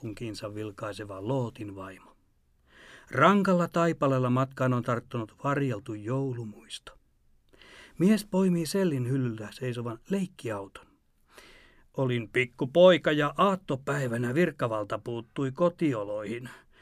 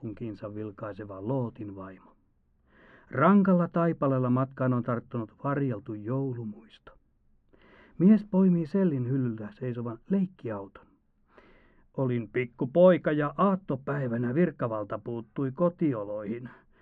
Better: first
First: none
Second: muffled; very; fading above 1.5 kHz

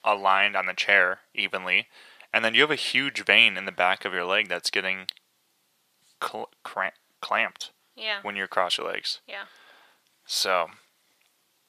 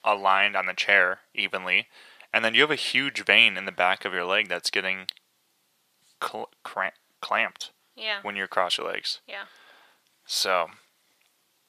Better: neither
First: thin; very; fading below 750 Hz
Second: thin; very; fading below 750 Hz

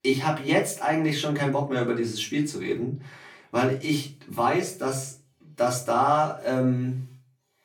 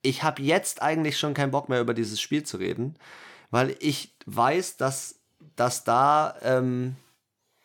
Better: second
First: off-mic speech; far // room echo; very slight; dies away in 0.3 s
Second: none

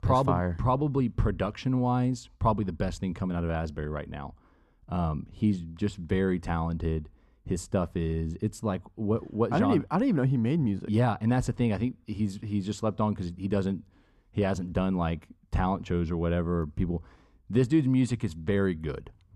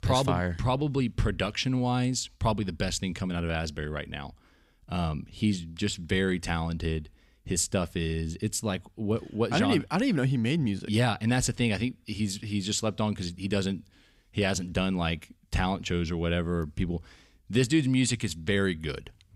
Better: second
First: muffled; slightly; fading above 1.5 kHz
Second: none

